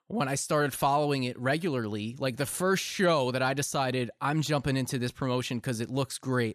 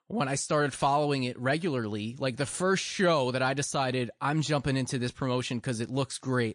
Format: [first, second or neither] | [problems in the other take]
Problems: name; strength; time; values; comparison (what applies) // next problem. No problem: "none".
first | garbled, watery; slightly; nothing above 10 kHz